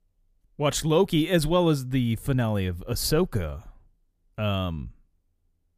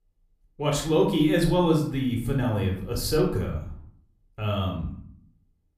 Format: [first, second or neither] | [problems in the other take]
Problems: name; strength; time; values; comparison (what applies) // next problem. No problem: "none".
first | off-mic speech; somewhat distant // room echo; slight; dies away in 0.5 s